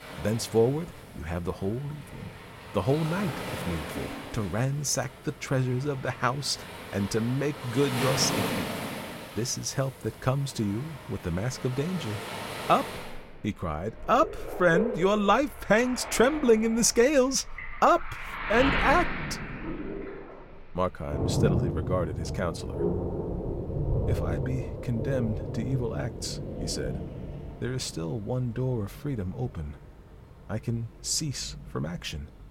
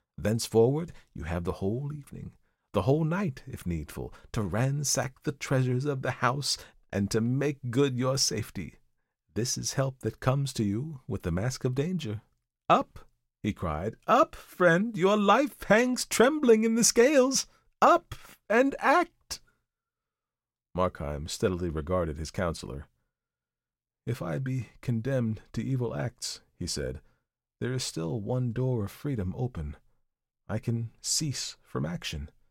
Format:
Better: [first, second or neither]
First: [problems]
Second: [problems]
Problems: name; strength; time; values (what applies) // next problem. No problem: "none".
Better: second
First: rain or running water; loud; throughout; 6 dB below the speech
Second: none